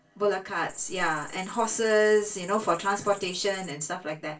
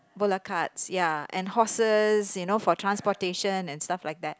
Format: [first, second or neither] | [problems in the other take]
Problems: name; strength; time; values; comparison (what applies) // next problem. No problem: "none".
second | background sound (Cricket); 16 dB below the speech // room echo; dies away in 0.2 s